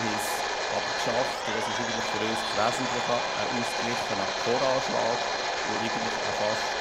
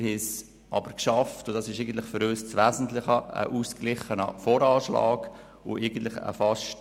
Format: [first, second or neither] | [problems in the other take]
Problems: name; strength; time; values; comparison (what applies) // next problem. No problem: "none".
second | background sound (Domestic sounds, home sounds); 3 dB above the speech